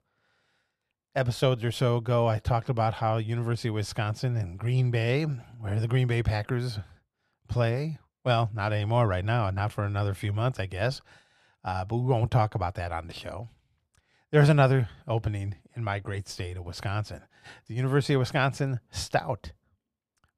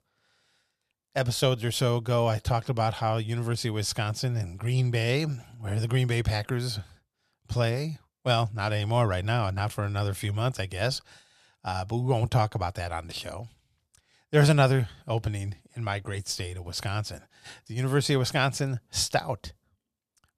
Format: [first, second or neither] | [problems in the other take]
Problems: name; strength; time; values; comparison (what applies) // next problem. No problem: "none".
second | muffled; slightly; fading above 3.5 kHz